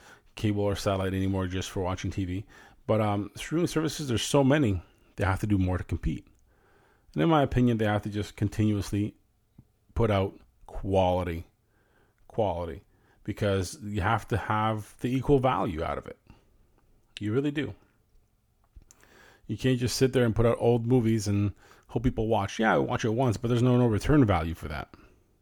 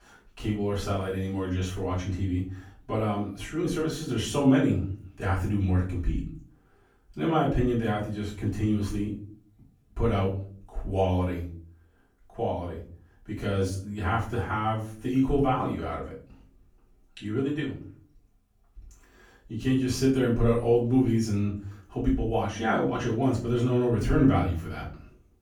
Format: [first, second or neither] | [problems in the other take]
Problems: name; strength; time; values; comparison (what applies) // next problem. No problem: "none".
first | off-mic speech; far // room echo; slight; dies away in 0.4 s